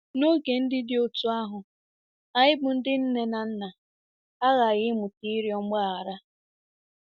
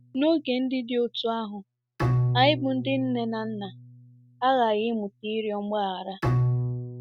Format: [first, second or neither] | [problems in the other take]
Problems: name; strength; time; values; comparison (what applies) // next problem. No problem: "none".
first | background sound (Bowed string instrument); 4 dB below the speech